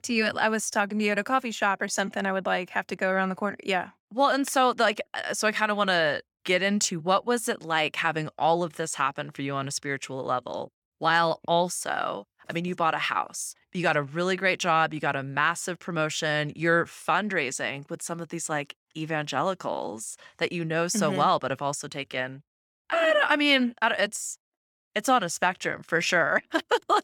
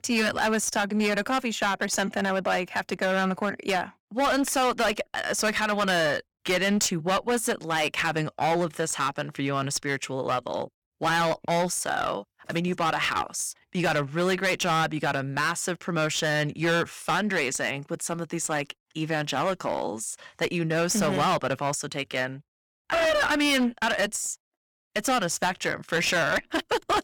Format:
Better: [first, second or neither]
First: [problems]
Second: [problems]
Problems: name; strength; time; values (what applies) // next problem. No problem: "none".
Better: first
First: none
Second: distortion; heavy; 13% of the sound clipped